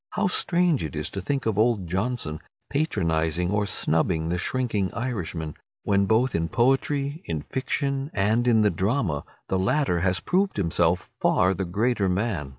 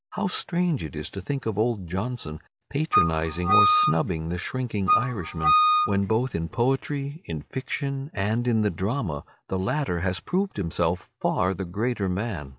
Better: first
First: none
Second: background sound (Wind instrument, woodwind instrument); 3 dB above the speech

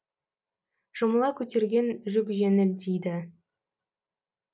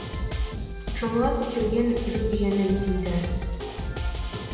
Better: first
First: none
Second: background sound (Drum kit); 2 dB below the speech // room echo; dies away in 1.3 s

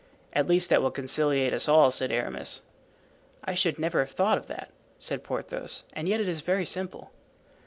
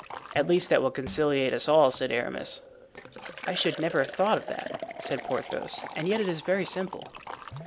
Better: first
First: none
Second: background sound (Liquid); 13 dB below the speech

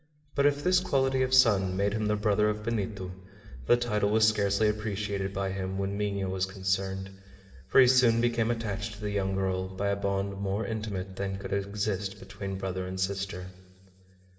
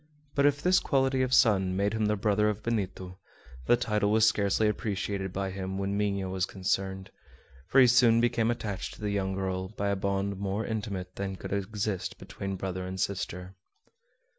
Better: second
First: room echo; dies away in 2.7 s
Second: none

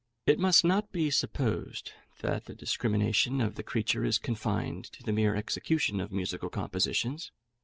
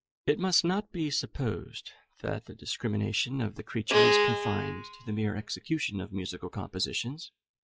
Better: first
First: none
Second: noise reduction (classical method log-MMSE)

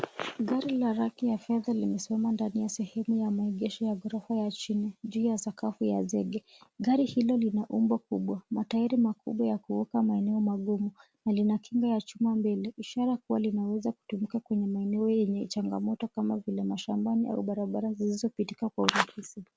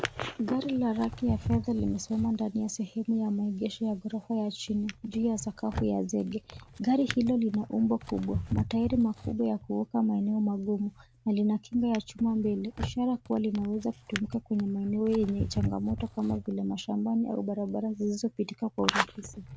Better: first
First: none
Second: background sound (Drawer open or close); 11 dB below the speech

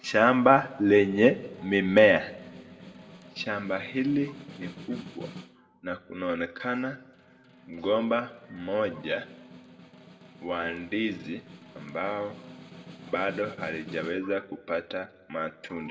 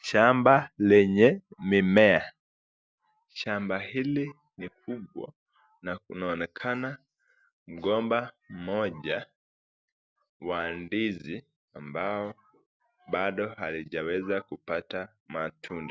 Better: second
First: background sound (Snare drum); 20 dB below the speech // room echo; dies away in 1.4 s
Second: none

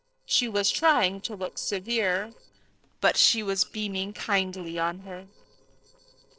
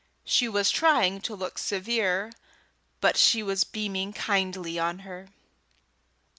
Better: second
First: noise reduction (neural separator model SepFormer DNS4)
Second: none

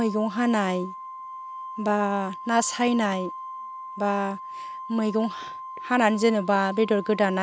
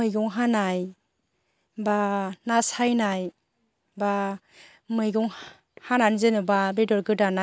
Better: second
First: background sound (Organ); 12 dB below the speech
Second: none

